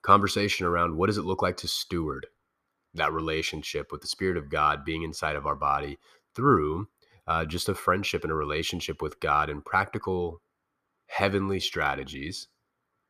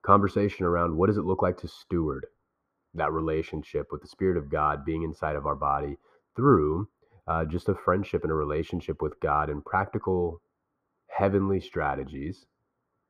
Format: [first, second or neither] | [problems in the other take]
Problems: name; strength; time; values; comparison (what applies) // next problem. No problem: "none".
first | muffled; very; fading above 2 kHz